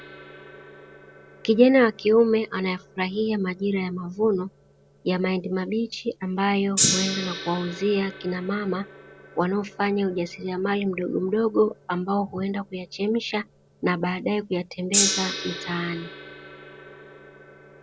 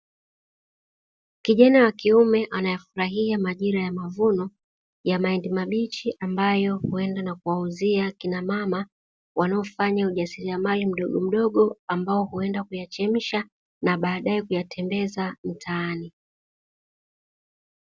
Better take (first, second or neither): second